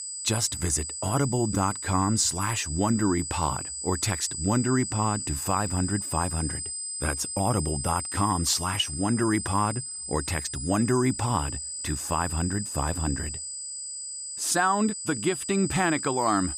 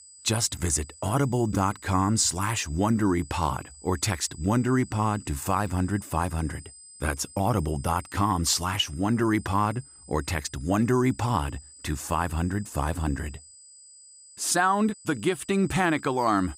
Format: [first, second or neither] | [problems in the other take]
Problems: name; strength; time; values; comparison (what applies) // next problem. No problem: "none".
second | high-pitched whine; loud; throughout; 8 kHz, 5 dB below the speech; faint in the second